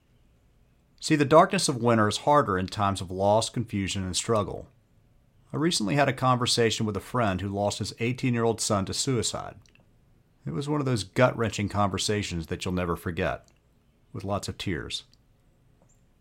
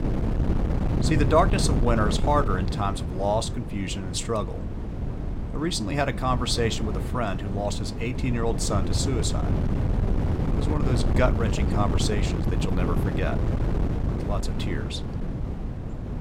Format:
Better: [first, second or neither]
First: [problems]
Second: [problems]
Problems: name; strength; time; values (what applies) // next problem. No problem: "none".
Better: first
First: none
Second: wind noise on the microphone; heavy; 7 dB below the speech